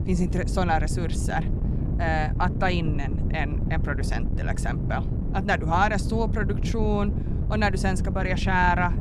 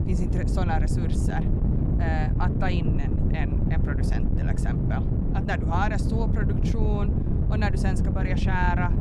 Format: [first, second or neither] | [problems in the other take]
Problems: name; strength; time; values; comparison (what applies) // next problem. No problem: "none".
first | wind noise on the microphone; heavy; 3 dB below the speech; occasional gusts in the first